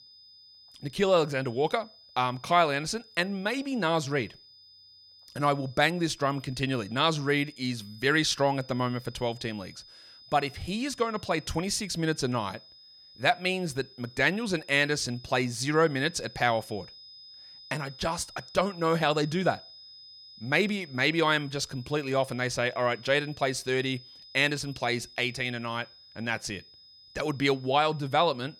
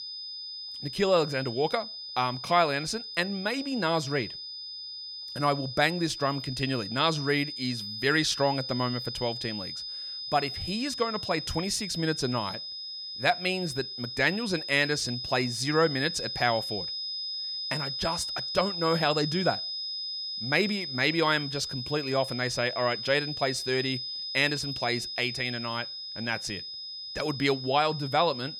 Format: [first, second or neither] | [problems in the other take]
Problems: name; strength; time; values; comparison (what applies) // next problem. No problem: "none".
first | high-pitched whine; loud; throughout; 5 kHz, 6 dB below the speech; faint in the first